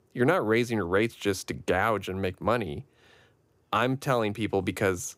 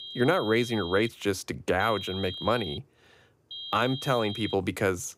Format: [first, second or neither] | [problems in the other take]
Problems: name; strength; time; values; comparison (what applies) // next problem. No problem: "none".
first | high-pitched whine; loud; until 1 s, at 2 s and from 3.5 to 4.5 s; 3 kHz, 10 dB below the speech